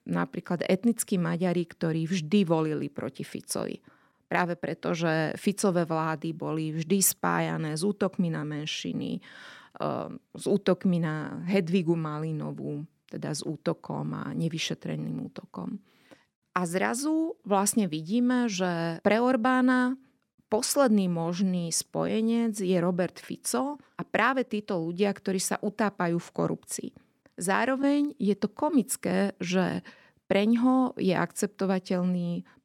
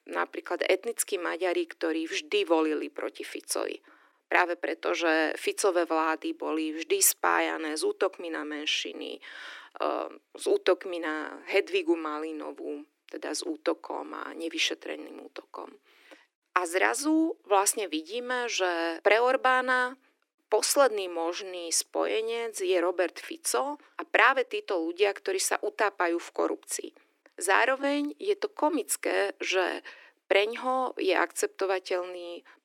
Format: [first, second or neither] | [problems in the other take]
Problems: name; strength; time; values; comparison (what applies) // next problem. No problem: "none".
first | thin; very; fading below 300 Hz